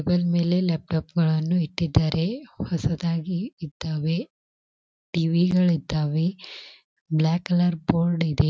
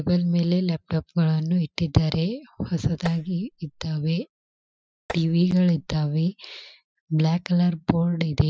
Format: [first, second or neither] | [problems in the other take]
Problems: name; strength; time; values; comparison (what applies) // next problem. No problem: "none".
first | noise reduction (classical method spectral subtraction)